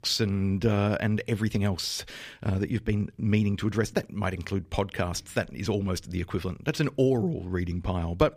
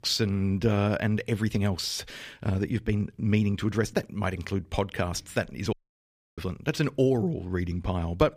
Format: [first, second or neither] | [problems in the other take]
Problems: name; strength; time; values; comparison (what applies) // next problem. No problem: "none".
first | audio cutting out; at 5.5 s for 0.5 s